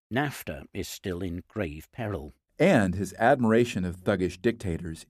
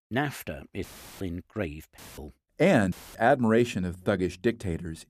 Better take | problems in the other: first | audio cutting out; filled with static; at 1 s, at 2 s and at 3 s

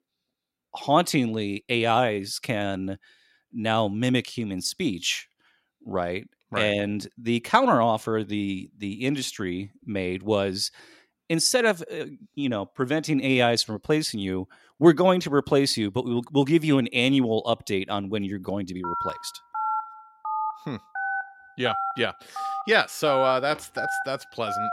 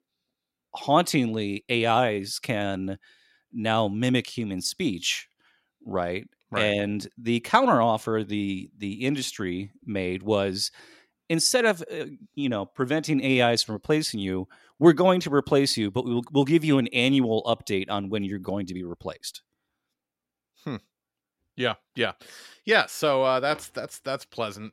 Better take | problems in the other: second | phone ringing; noticeable; from 19 s on; peak 3 dB below the speech

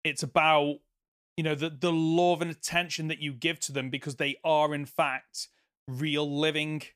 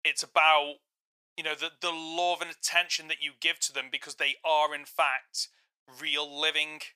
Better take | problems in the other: first | thin; very; fading below 900 Hz

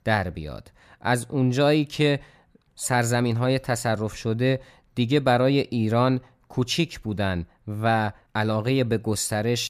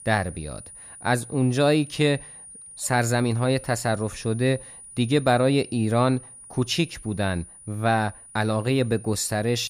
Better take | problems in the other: first | high-pitched whine; noticeable; throughout; 9.5 kHz, 15 dB below the speech

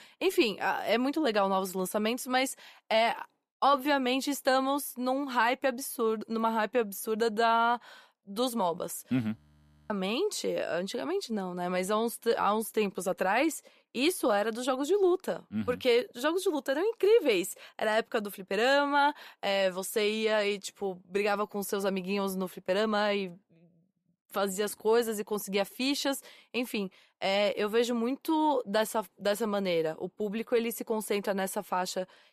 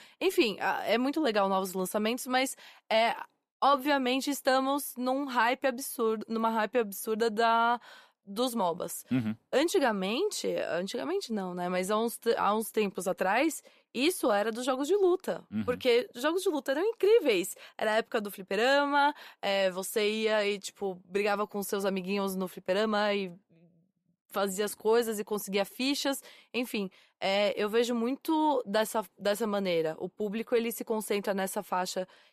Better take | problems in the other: second | audio freezing; at 9.5 s for 0.5 s

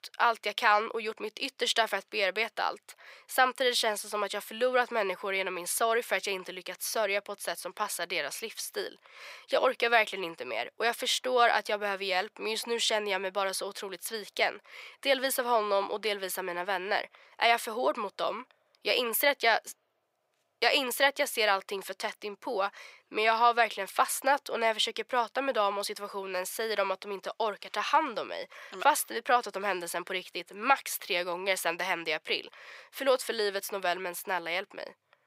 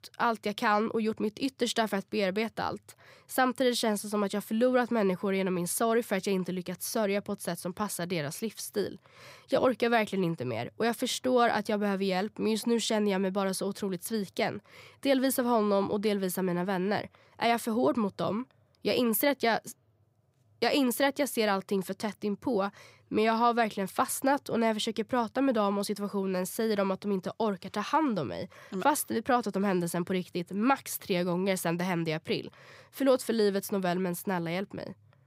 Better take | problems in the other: second | thin; very; fading below 600 Hz

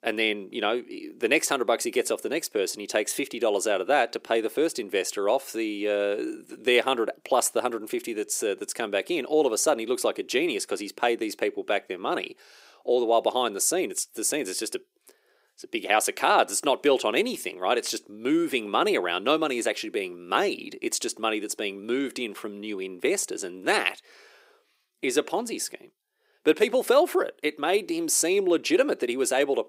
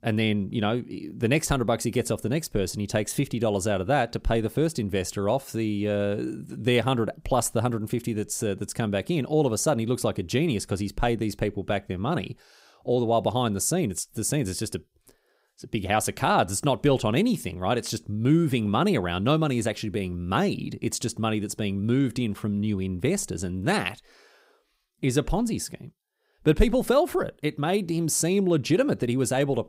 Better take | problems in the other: second | thin; somewhat; fading below 350 Hz

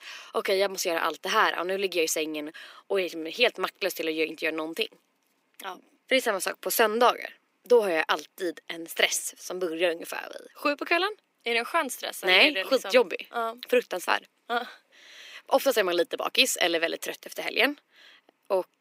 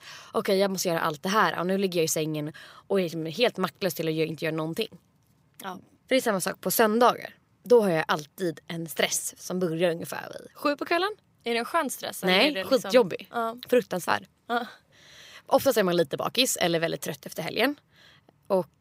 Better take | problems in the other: second | thin; very slightly; fading below 250 Hz

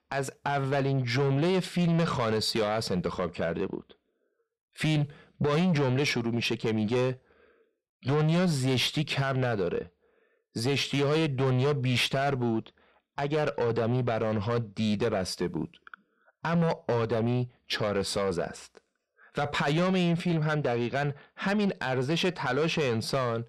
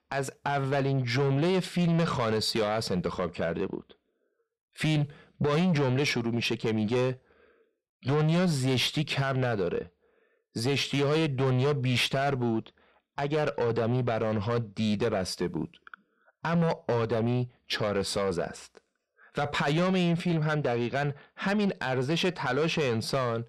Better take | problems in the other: neither | distortion; slight; 10 dB below the speech; the same in both

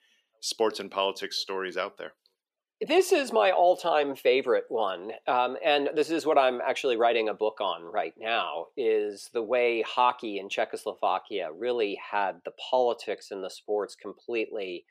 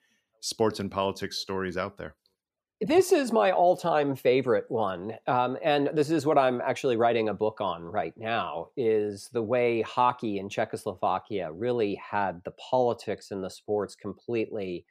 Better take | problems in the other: second | thin; somewhat; fading below 400 Hz

